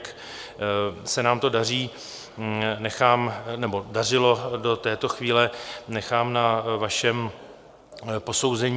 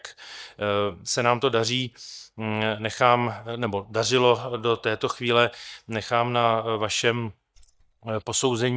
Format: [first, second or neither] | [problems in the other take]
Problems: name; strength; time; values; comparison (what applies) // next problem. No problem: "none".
first | noise reduction (neural mask model DeepFilterNet 3)